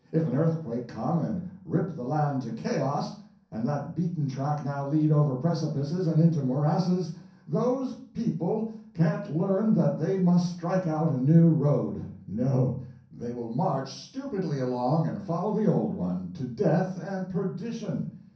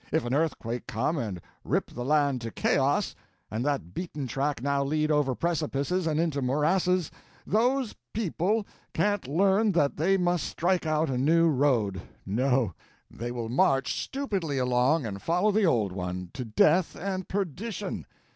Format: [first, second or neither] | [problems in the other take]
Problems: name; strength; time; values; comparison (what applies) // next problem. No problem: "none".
second | room echo; dies away in 0.6 s